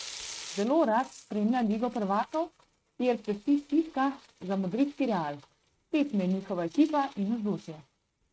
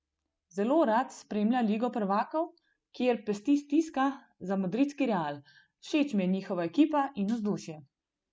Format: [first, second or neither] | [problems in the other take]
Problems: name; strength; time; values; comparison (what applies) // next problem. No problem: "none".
second | noise reduction (neural mask model RNNoise)